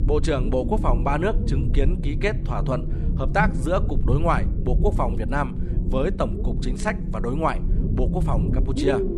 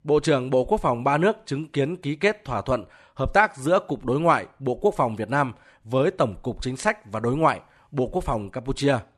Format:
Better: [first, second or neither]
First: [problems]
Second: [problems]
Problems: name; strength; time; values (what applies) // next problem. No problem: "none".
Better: second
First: low rumble; loud; throughout; 9 dB below the speech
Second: none